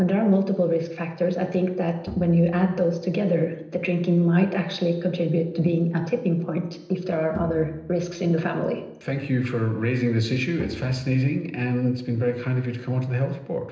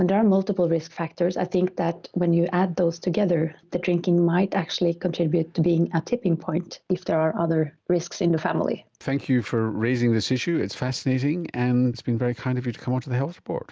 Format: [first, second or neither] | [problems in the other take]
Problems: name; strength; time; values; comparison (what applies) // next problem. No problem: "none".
second | noise reduction (neural separator model SepFormer DNS4)